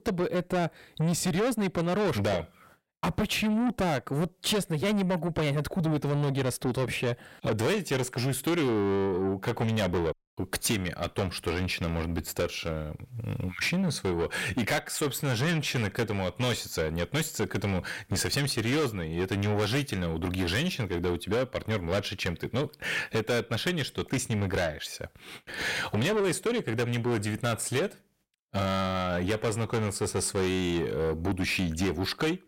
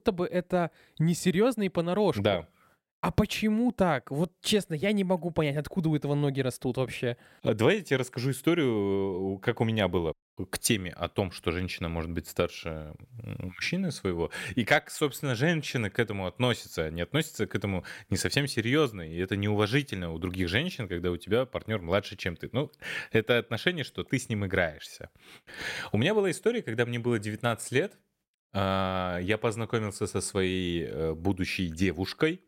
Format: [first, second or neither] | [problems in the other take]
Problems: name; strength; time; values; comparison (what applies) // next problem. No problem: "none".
second | distortion; heavy; 6 dB below the speech